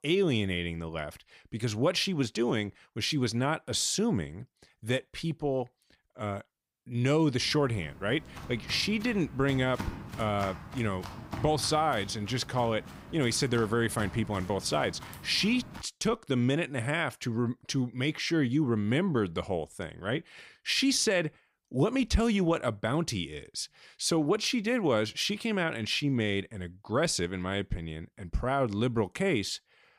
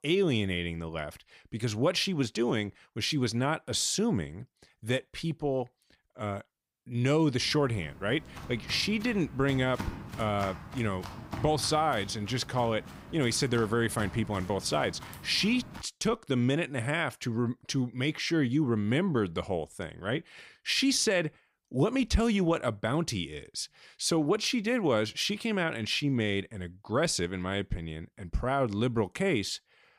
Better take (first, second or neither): neither